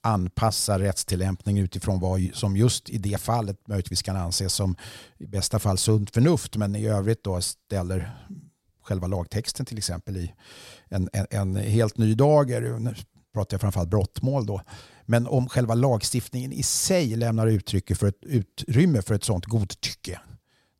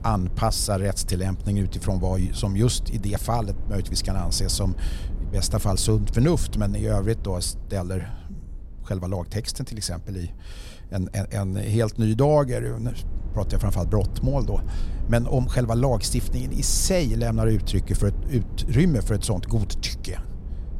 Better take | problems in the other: first | low rumble; noticeable; throughout; 20 dB below the speech

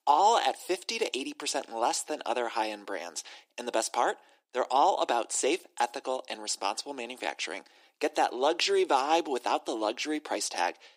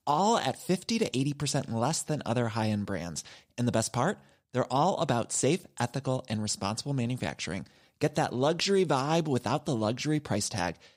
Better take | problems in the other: second | thin; very; fading below 300 Hz

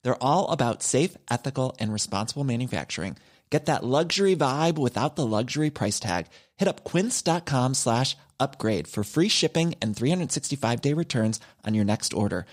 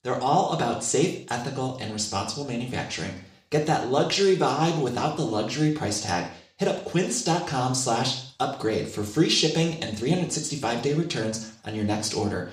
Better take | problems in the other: first | room echo; noticeable; dies away in 0.5 s // off-mic speech; somewhat distant

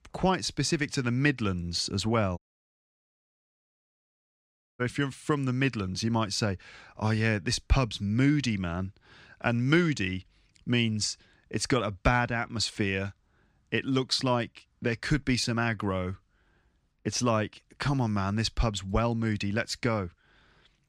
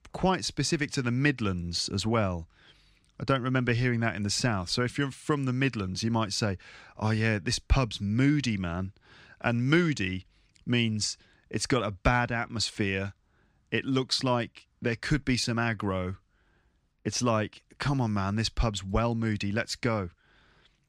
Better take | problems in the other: second | audio cutting out; at 2.5 s for 2.5 s

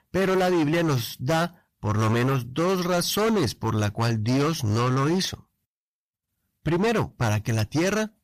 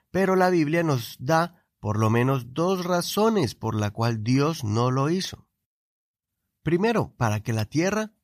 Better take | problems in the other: second | distortion; heavy; 18% of the sound clipped

